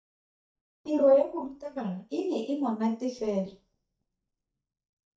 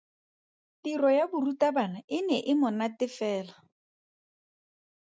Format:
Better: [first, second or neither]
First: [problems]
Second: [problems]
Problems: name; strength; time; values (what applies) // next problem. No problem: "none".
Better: second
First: noise reduction (neural mask model DeepFilterNet 3)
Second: none